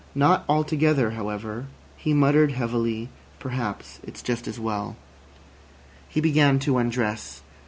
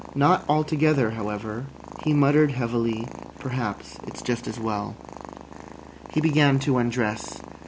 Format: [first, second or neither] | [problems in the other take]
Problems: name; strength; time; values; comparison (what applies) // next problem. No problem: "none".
first | background sound (Purr); 16 dB below the speech